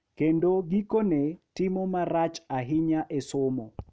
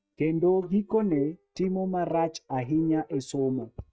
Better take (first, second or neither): first